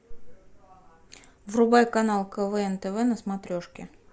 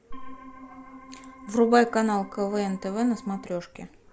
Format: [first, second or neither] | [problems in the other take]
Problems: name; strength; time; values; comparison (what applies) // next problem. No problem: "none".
first | background sound (Organ); 18 dB below the speech